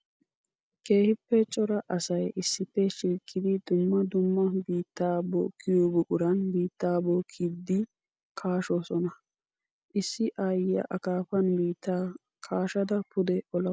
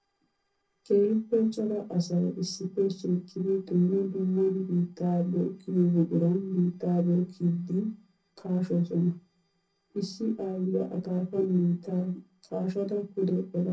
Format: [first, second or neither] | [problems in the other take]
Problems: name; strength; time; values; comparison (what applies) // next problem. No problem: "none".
first | noise reduction (neural separator model SepFormer DNS4)